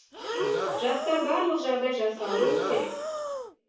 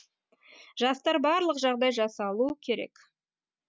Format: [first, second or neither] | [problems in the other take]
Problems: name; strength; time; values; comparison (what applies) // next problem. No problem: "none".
second | background sound (Breathing); 2 dB below the speech // room echo; dies away in 0.6 s